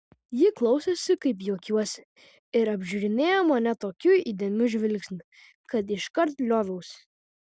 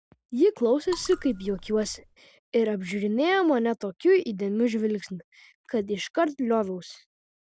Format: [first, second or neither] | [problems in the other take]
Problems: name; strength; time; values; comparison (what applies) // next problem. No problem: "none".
first | background sound (Raindrop / Drip); 17 dB below the speech